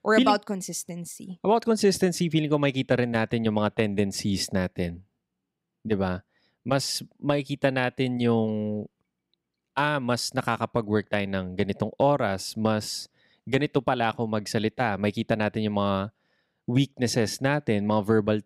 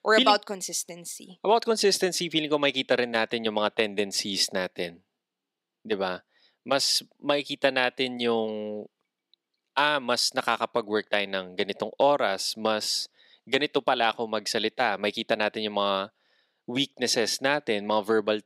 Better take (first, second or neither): first